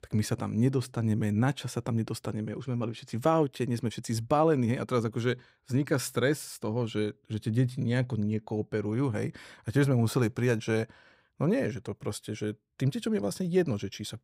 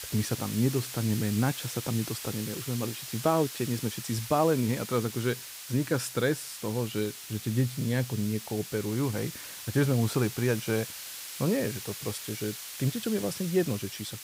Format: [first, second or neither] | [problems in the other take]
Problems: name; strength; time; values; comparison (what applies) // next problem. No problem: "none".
first | hiss; loud; throughout; 8 dB below the speech